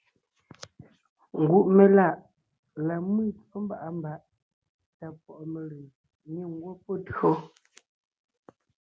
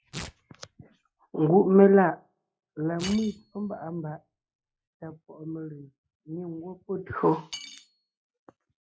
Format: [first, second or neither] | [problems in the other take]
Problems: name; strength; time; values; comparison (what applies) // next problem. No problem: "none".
first | noise reduction (classical method log-MMSE)